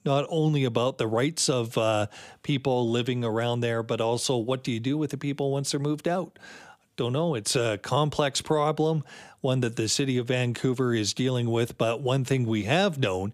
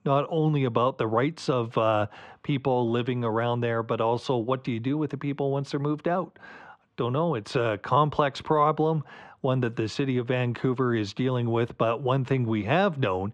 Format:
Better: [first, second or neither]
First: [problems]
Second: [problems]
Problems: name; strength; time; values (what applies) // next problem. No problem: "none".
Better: first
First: none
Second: muffled; very; fading above 2.5 kHz